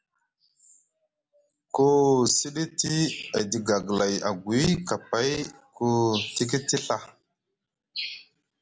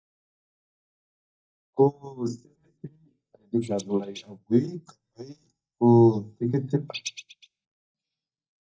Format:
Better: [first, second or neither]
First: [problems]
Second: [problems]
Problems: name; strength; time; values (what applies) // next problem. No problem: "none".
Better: first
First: none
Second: noise reduction (neural mask model DeepFilterNet 3)